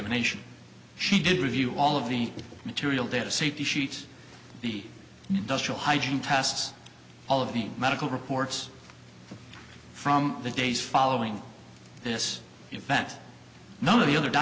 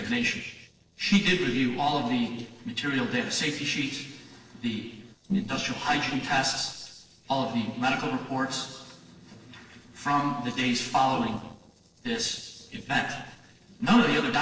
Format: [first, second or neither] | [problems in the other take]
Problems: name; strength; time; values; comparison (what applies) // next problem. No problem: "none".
first | noise reduction (neural separator model SepFormer DNS4)